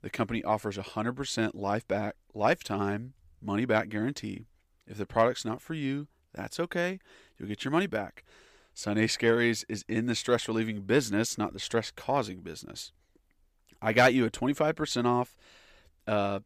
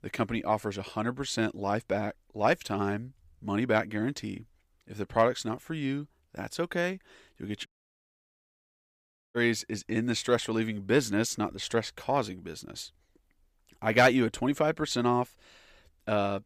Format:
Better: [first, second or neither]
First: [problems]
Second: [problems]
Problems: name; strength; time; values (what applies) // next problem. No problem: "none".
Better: first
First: none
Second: audio cutting out; at 7.5 s for 1.5 s